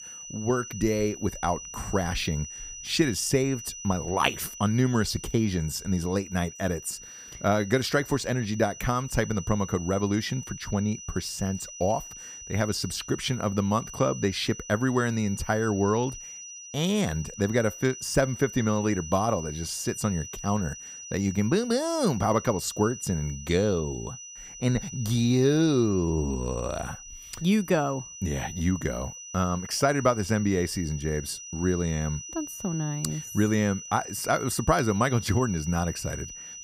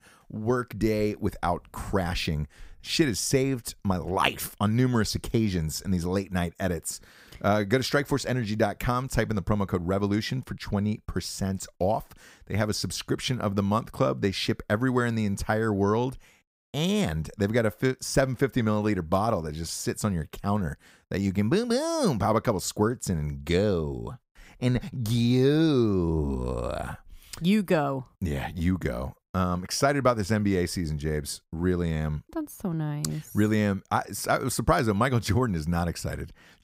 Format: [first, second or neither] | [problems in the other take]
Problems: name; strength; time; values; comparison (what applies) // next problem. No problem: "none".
second | high-pitched whine; noticeable; throughout; 6 kHz, 10 dB below the speech